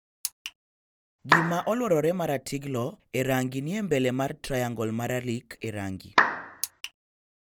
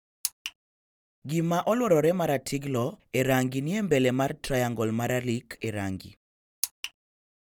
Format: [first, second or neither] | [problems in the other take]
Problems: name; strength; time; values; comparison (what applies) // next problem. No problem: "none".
second | background sound (Clapping); 3 dB above the speech